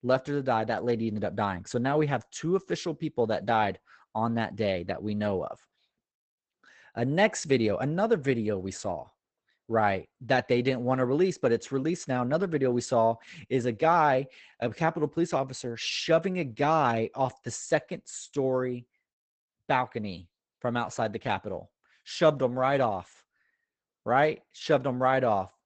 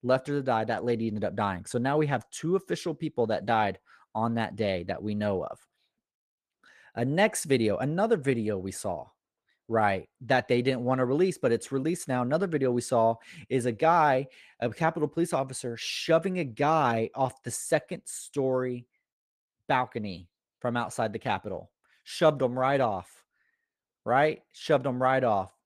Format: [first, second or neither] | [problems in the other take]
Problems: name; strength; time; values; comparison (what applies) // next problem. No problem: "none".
second | garbled, watery; badly; nothing above 8 kHz; slightly in the second